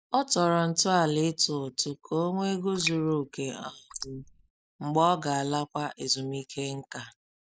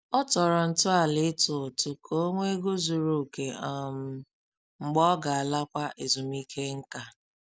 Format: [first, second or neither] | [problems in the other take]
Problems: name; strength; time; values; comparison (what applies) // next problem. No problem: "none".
second | noise reduction (neural mask model Resemble Enhance denoiser)